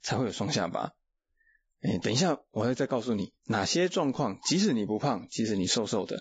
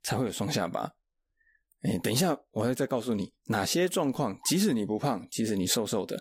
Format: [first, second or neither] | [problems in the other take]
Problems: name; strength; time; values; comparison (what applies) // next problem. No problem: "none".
second | garbled, watery; badly; nothing above 7.5 kHz; slightly in the second